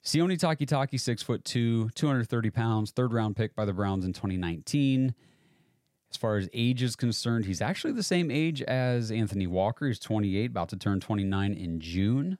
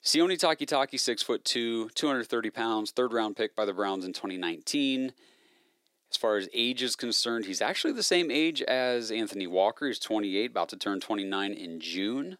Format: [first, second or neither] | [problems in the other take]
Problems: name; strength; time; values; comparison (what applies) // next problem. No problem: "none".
first | thin; somewhat; fading below 350 Hz